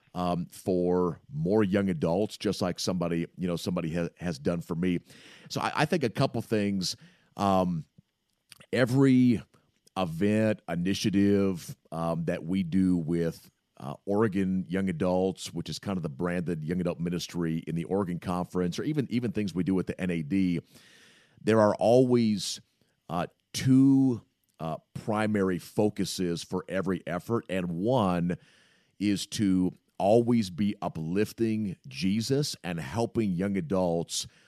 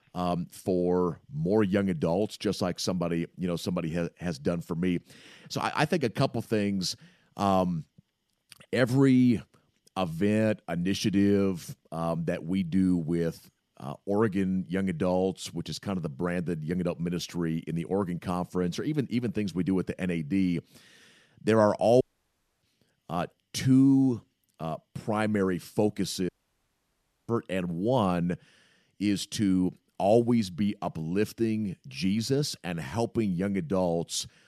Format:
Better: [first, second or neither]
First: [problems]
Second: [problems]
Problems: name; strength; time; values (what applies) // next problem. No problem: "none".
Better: first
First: none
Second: audio cutting out; at 22 s for 0.5 s and at 26 s for 1 s